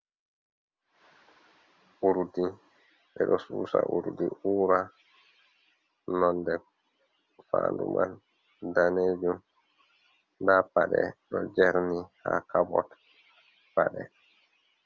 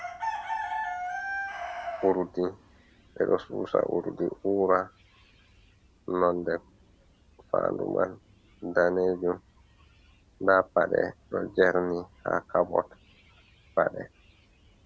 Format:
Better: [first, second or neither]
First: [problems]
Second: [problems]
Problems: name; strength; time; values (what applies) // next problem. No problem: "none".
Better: first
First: none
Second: background sound (Chicken, rooster); 12 dB below the speech